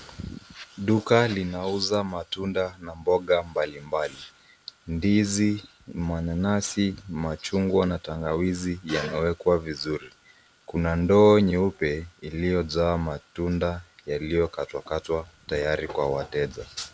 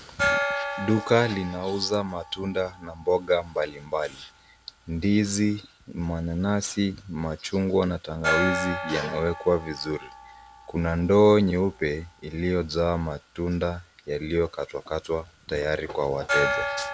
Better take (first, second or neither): first